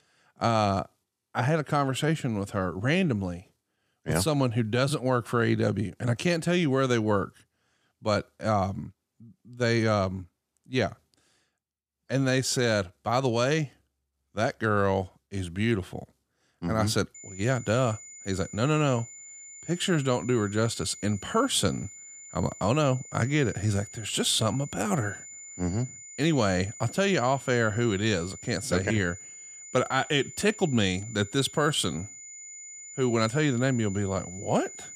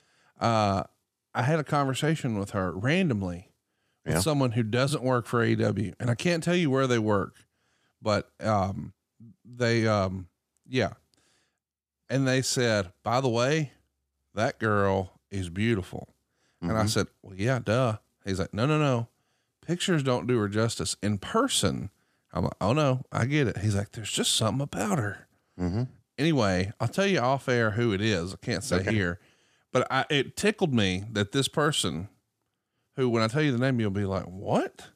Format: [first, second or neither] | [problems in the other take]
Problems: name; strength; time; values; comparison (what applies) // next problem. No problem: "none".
second | high-pitched whine; noticeable; from 17 s on; 7 kHz, 15 dB below the speech